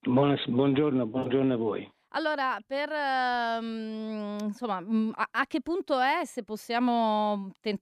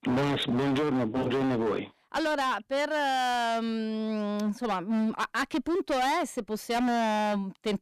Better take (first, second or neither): first